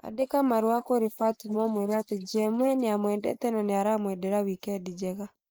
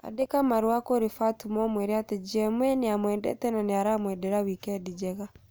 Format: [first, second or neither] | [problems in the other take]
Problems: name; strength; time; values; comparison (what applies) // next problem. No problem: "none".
second | noise reduction (neural mask model Resemble Enhance denoiser)